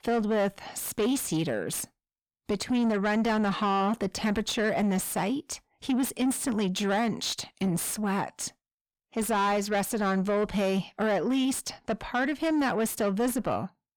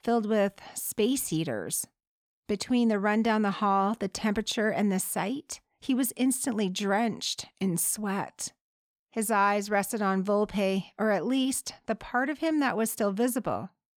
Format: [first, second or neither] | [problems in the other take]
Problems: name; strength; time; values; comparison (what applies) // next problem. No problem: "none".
second | distortion; slight; 10 dB below the speech